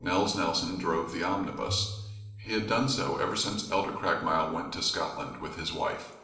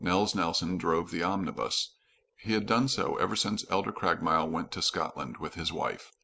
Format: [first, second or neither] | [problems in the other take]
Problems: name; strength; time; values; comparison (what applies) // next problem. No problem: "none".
second | background sound (Bowed string instrument); 12 dB below the speech // room echo; dies away in 0.8 s